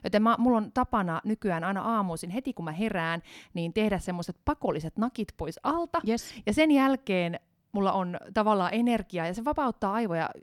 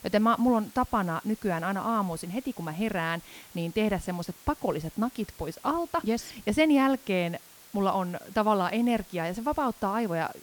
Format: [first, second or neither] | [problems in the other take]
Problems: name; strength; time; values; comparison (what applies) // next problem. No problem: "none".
first | hiss; faint; throughout; 20 dB below the speech